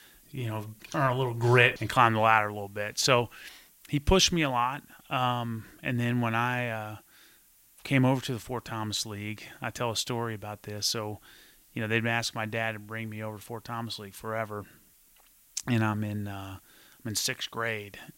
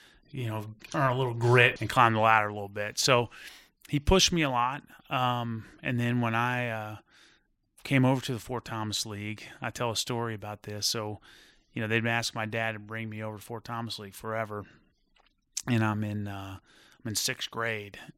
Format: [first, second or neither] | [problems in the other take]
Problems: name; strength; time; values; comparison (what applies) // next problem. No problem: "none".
second | hiss; faint; throughout; 30 dB below the speech